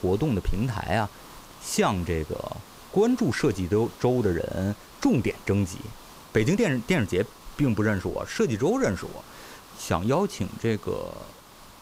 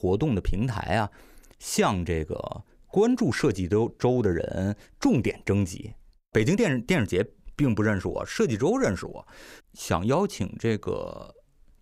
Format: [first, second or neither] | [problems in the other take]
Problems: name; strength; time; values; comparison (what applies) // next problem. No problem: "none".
second | hiss; faint; throughout; 20 dB below the speech